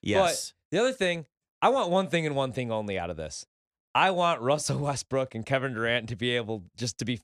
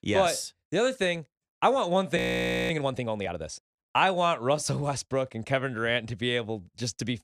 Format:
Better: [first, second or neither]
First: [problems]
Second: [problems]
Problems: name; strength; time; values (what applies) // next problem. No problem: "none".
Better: first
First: none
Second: audio freezing; at 2 s for 0.5 s